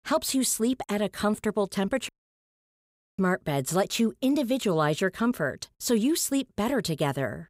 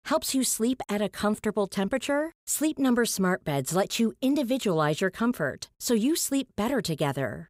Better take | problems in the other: second | audio cutting out; at 2 s for 1 s

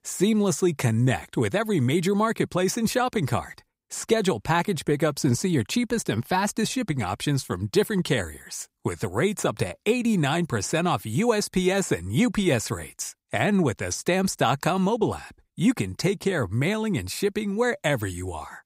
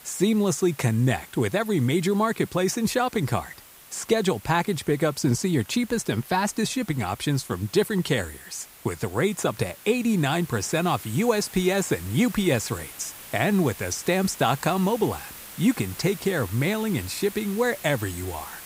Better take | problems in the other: first | hiss; noticeable; throughout; 15 dB below the speech

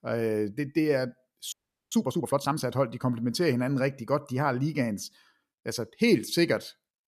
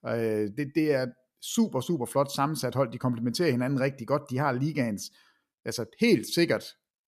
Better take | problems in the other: second | audio freezing; at 1.5 s

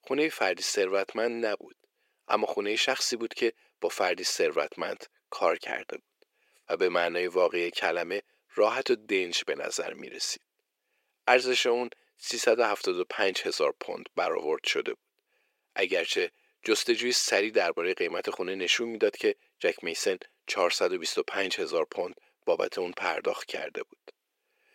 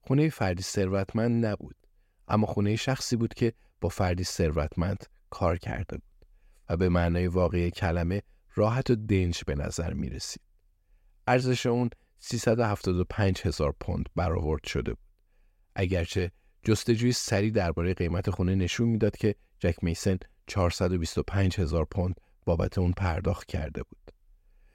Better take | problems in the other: second | thin; very; fading below 400 Hz

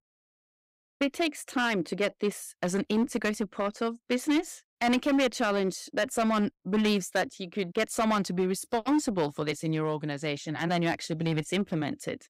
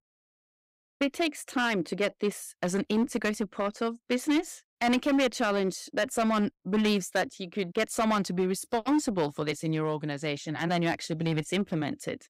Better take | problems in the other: neither | distortion; slight; 6% of the sound clipped; the same in both

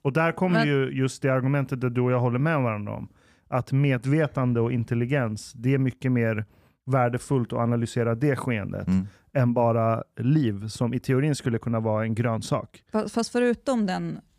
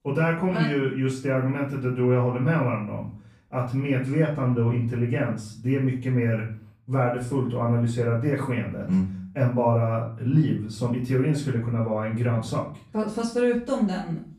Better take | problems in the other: first | off-mic speech; far // room echo; slight; dies away in 0.4 s

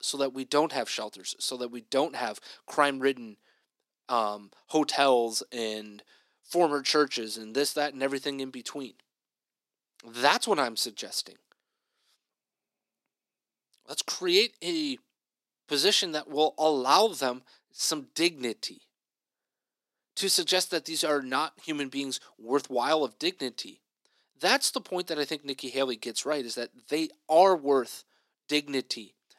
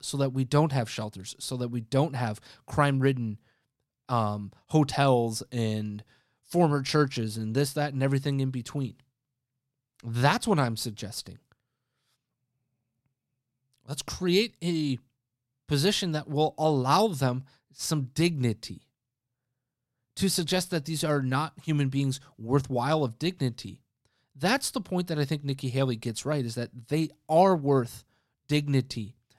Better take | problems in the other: second | thin; somewhat; fading below 300 Hz

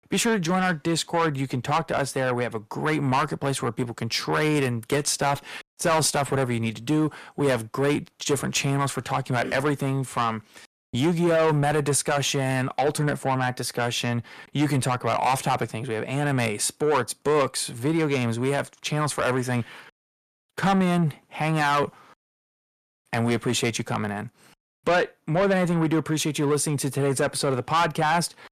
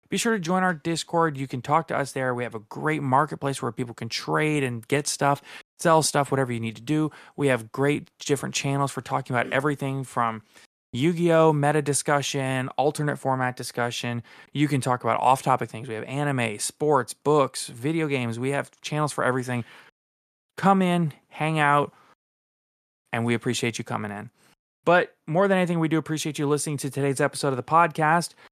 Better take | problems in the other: second | distortion; heavy; 7 dB below the speech

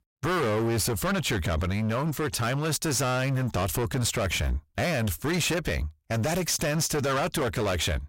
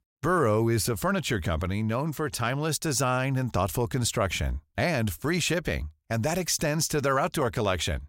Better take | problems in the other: second | distortion; heavy; 27% of the sound clipped

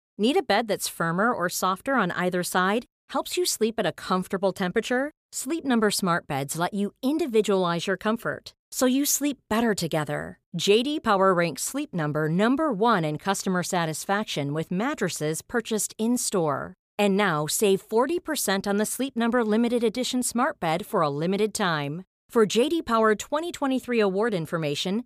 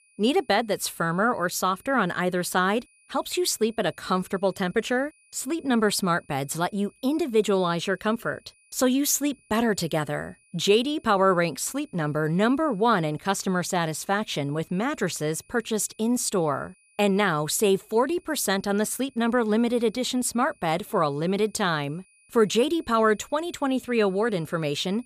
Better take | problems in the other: first | high-pitched whine; faint; throughout; 2.5 kHz, 35 dB below the speech

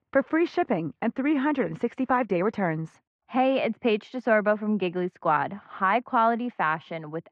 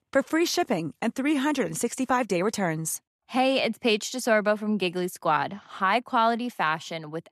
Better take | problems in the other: second | muffled; very; fading above 2 kHz

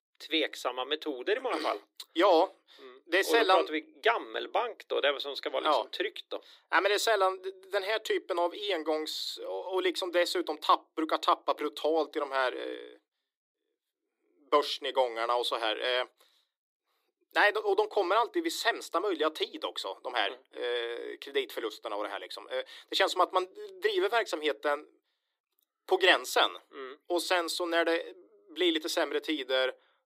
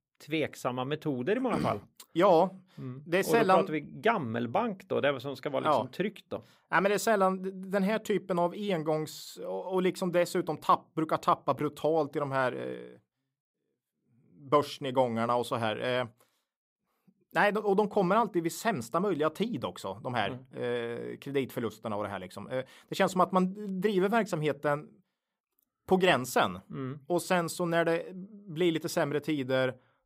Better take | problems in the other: second | thin; very; fading below 300 Hz

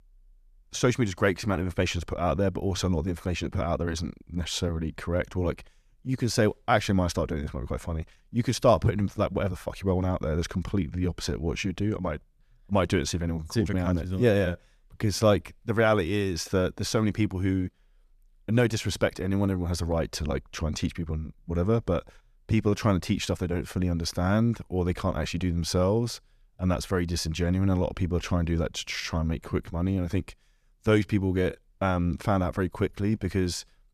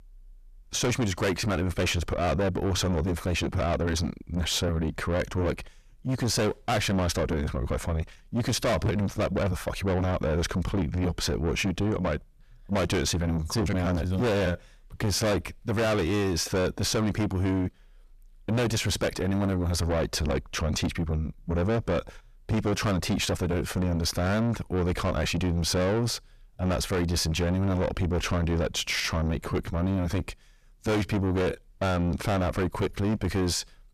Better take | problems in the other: first | distortion; heavy; 6 dB below the speech

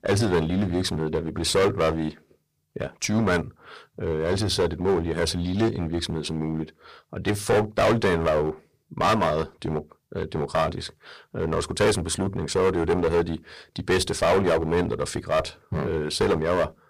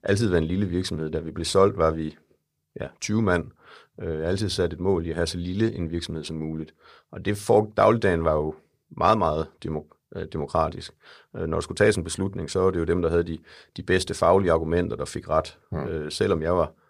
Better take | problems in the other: second | distortion; heavy; 10% of the sound clipped

